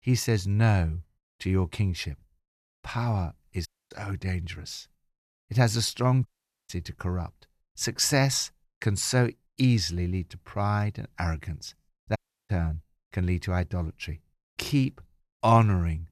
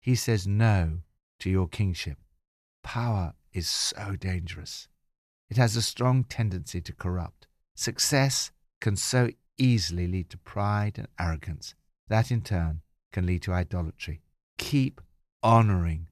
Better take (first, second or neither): second